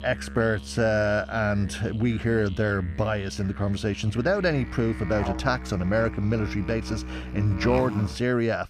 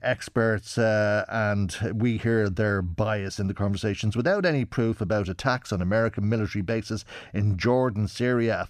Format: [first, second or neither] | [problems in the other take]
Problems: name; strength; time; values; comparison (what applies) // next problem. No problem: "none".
second | background music; noticeable; throughout; 10 dB below the speech